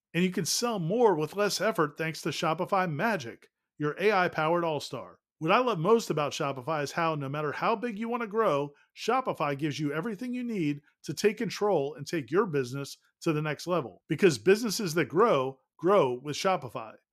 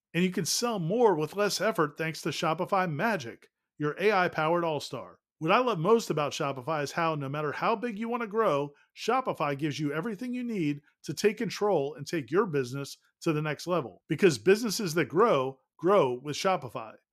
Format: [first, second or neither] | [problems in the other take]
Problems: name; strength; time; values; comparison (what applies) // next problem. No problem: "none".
neither | none